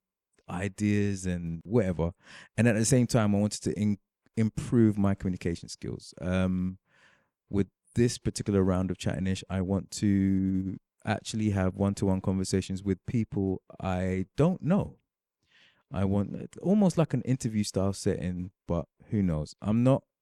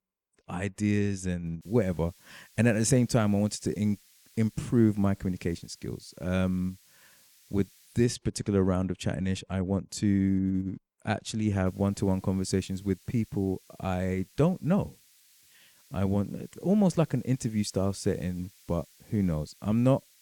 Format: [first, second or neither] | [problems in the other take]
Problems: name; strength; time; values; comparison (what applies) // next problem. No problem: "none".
first | hiss; faint; from 1.5 to 8 s and from 12 s on; 30 dB below the speech